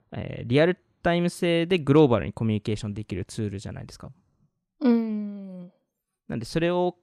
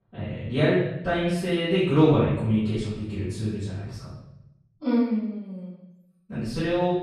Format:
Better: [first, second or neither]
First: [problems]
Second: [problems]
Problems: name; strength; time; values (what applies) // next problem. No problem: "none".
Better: first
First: none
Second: off-mic speech; far // room echo; strong; dies away in 0.8 s